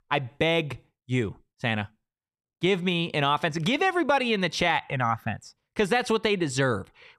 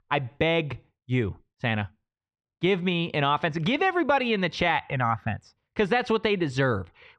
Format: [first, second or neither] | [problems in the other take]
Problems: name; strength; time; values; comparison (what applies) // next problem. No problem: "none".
first | muffled; very slightly; fading above 3.5 kHz